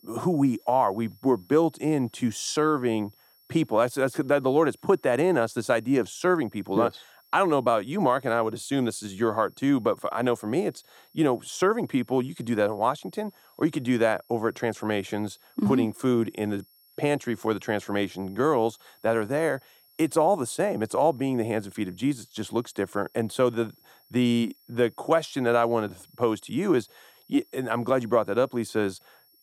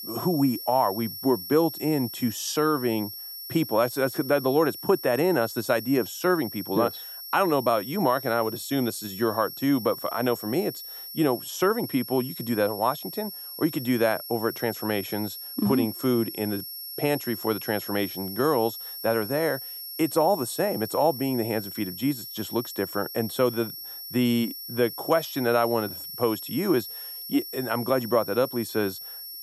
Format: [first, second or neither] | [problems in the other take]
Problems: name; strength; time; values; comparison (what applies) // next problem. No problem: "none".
first | high-pitched whine; loud; throughout; 5.5 kHz, 9 dB below the speech; faint in the first